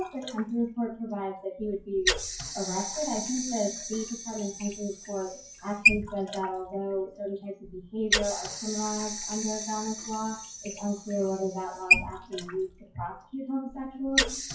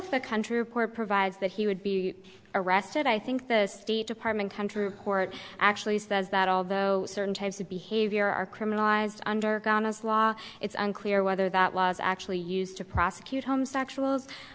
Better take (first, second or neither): second